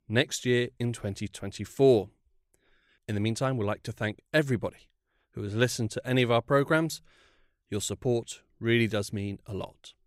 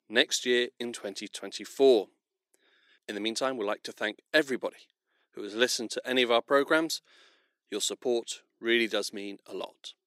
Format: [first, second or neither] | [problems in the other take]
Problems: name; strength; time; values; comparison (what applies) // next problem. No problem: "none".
first | thin; somewhat; fading below 250 Hz